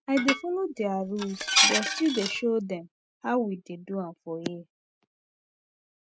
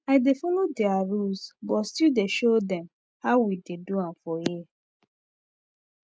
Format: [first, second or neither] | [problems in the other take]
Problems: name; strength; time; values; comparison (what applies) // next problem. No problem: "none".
second | background sound (Dishes, pots, and pans); 2 dB above the speech